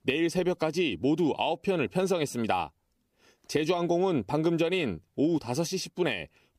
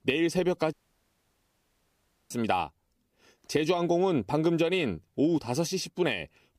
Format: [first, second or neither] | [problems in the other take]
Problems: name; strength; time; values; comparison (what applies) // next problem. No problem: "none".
first | audio cutting out; at 0.5 s for 1.5 s